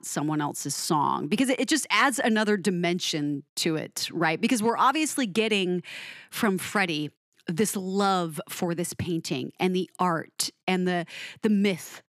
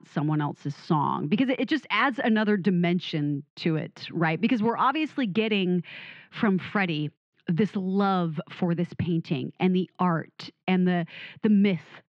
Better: first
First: none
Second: muffled; slightly; fading above 3.5 kHz

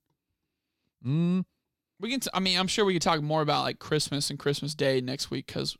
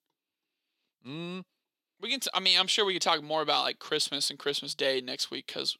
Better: first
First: none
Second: thin; somewhat; fading below 400 Hz

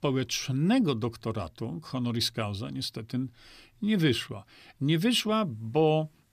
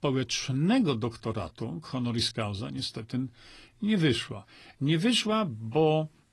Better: first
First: none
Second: garbled, watery; slightly; nothing above 11 kHz

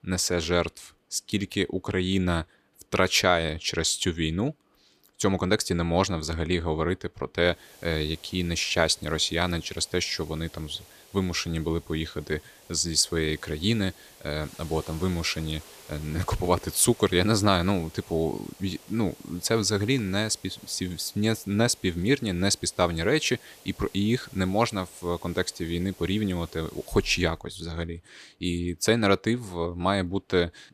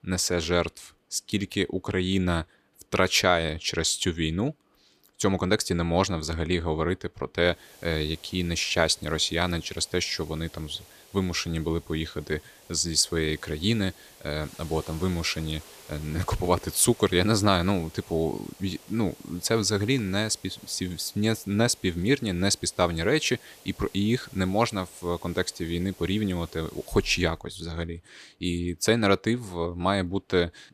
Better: neither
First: hiss; faint; from 7.5 to 27 s; 20 dB below the speech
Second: hiss; faint; from 7.5 to 27 s; 20 dB below the speech

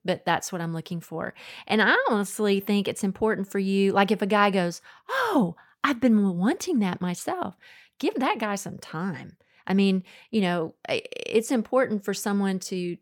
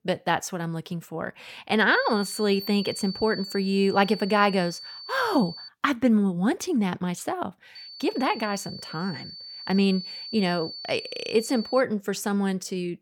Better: first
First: none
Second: high-pitched whine; noticeable; from 2 to 5.5 s and from 8 to 12 s; 4.5 kHz, 10 dB below the speech

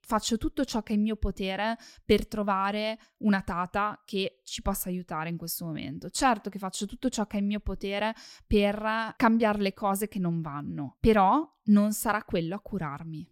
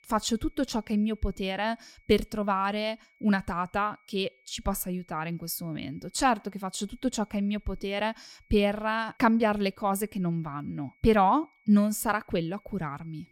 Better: first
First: none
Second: high-pitched whine; faint; throughout; 2 kHz, 35 dB below the speech

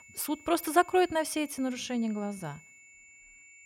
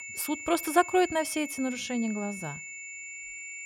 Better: first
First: high-pitched whine; faint; throughout; 2 kHz, 25 dB below the speech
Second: high-pitched whine; loud; throughout; 2 kHz, 10 dB below the speech

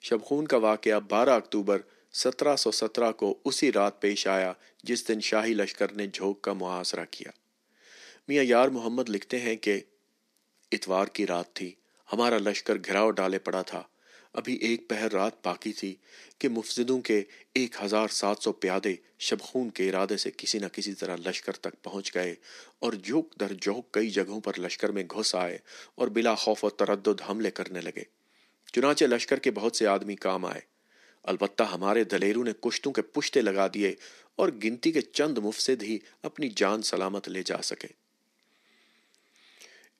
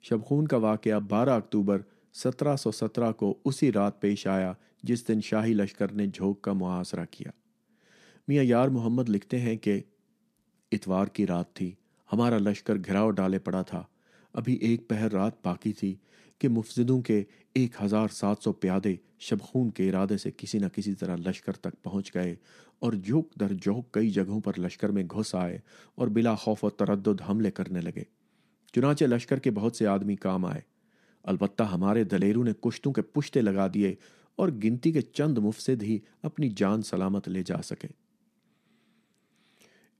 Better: second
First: thin; somewhat; fading below 350 Hz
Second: none

